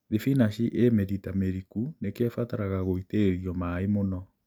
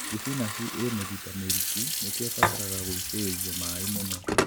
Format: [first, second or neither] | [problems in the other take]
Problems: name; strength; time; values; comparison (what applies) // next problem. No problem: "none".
first | background sound (Fill (with liquid) / Sink (filling or washing) + Telephone); 4 dB above the speech